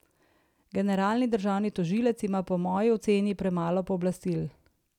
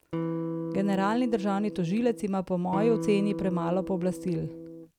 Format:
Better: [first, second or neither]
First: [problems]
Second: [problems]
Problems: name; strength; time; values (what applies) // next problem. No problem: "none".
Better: first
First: none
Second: background sound (Electric guitar); 6 dB below the speech